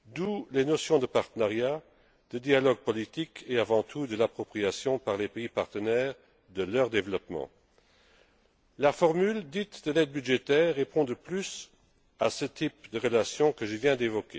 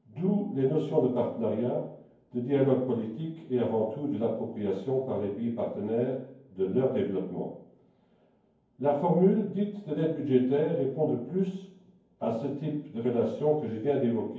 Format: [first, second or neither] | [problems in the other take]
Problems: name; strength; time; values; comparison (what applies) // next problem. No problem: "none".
first | room echo; dies away in 0.9 s